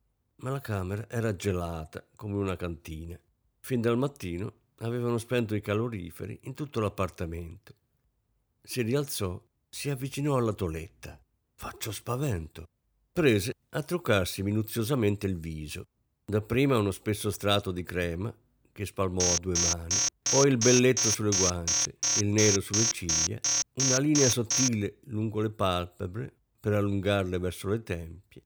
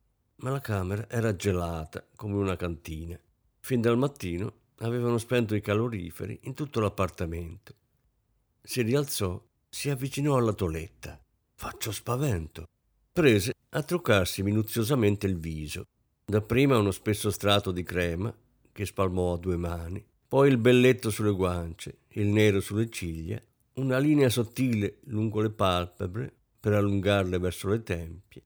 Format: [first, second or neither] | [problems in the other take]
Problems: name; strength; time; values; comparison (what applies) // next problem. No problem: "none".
second | alarm; loud; from 19 to 25 s; peak 5 dB above the speech